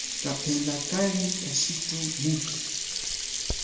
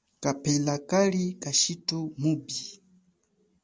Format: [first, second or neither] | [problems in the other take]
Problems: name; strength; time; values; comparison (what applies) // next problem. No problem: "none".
second | background sound (Sink (filling or washing)); 1 dB below the speech // room echo; dies away in 0.8 s